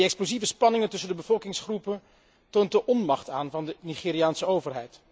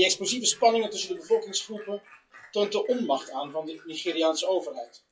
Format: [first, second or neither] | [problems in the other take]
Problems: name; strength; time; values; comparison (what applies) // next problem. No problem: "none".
first | noise reduction (classical method WPE with log-MMSE)